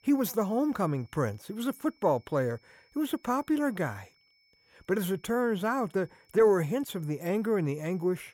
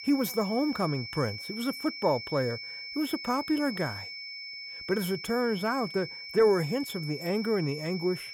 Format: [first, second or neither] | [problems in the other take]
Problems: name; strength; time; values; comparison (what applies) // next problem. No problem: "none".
first | high-pitched whine; loud; throughout; 2.5 kHz, 9 dB below the speech; faint in the first